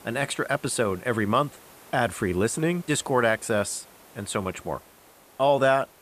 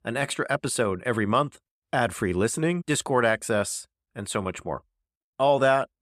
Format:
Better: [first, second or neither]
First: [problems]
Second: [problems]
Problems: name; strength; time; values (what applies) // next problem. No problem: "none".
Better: second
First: hiss; faint; throughout; 25 dB below the speech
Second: none